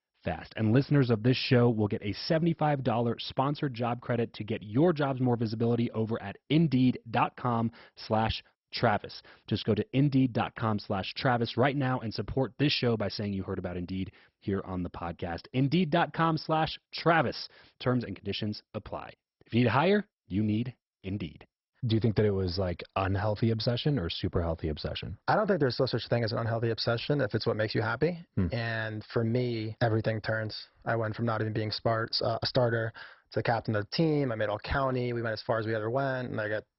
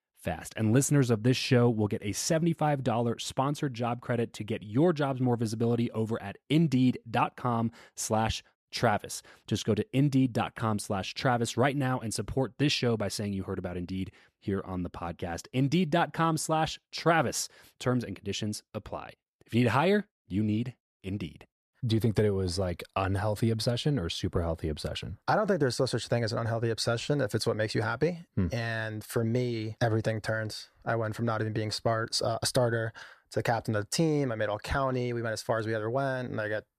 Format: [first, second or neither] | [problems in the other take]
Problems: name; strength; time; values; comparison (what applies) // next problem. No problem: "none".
second | garbled, watery; badly; nothing above 5.5 kHz